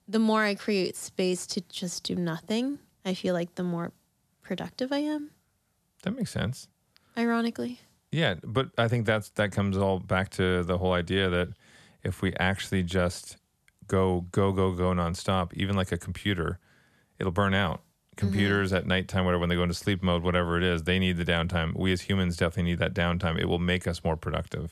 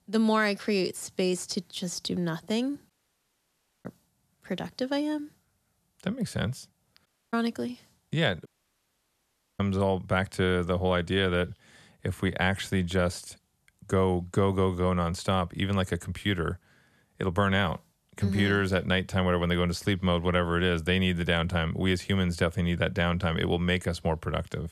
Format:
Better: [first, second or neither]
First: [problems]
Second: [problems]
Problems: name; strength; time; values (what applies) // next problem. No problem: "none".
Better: first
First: none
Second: audio cutting out; at 3 s for 1 s, at 7 s and at 8.5 s for 1 s